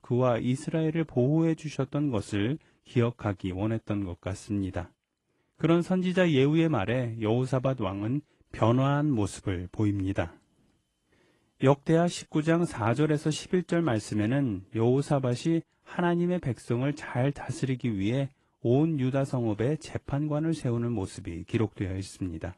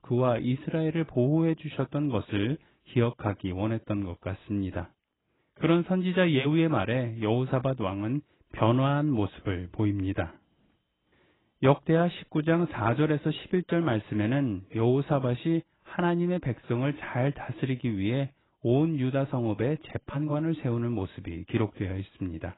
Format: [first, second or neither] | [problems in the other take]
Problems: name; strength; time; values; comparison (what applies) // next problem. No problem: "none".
first | garbled, watery; badly; nothing above 4 kHz; slightly in the first